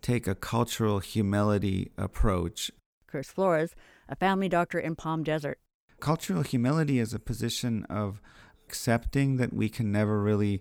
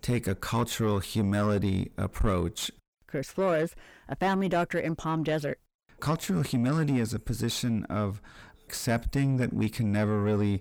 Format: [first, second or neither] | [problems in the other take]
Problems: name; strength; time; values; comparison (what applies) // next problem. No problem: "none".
first | distortion; slight; 10 dB below the speech